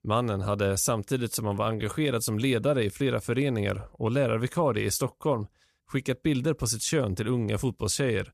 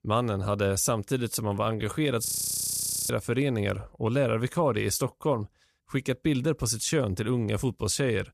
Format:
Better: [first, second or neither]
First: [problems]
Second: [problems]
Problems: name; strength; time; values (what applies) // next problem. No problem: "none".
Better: first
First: none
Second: audio freezing; at 2.5 s for 1 s